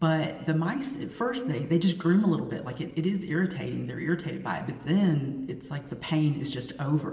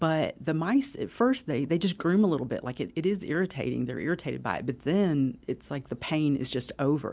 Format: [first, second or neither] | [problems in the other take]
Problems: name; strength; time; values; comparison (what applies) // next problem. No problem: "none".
second | room echo; dies away in 1.2 s